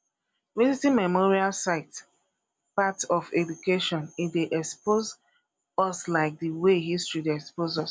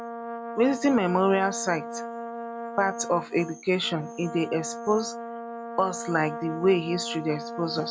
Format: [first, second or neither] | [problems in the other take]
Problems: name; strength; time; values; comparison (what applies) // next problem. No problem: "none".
first | background sound (Brass instrument); 9 dB below the speech